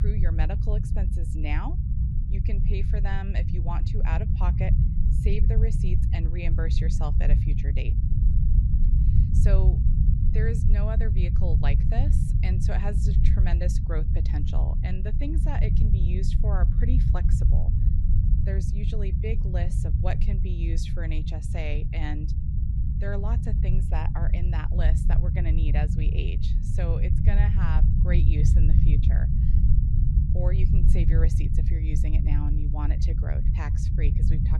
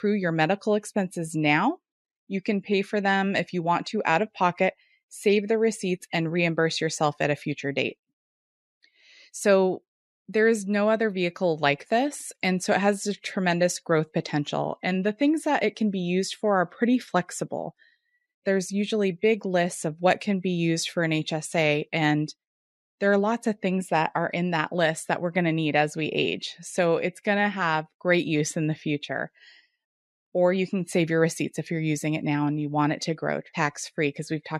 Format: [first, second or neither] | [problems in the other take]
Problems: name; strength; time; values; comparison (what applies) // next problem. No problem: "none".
second | low rumble; loud; throughout; 2 dB below the speech